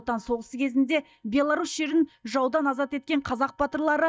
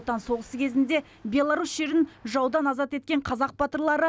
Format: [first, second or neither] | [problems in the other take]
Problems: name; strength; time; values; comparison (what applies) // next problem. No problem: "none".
second | noise reduction (neural mask model DeepFilterNet 3)